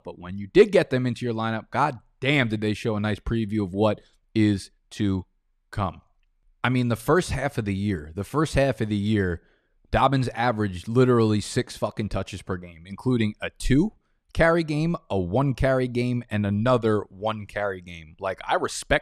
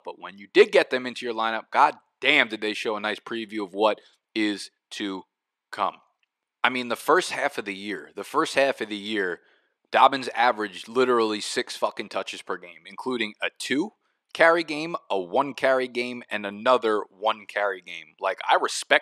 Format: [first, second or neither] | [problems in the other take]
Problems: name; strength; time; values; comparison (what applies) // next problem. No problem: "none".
first | thin; somewhat; fading below 300 Hz